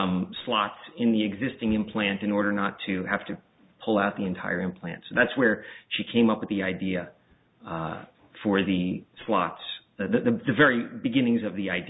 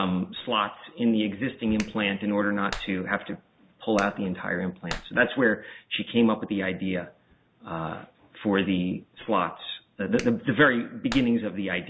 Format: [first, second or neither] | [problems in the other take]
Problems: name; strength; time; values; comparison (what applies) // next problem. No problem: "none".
first | background sound (Clapping); 16 dB below the speech